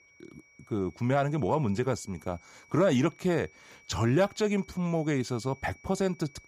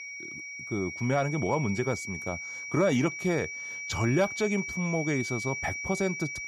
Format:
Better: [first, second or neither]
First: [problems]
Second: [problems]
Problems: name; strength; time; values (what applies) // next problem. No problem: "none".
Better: first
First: high-pitched whine; faint; throughout; 2.5 kHz, 25 dB below the speech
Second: high-pitched whine; loud; throughout; 2.5 kHz, 5 dB below the speech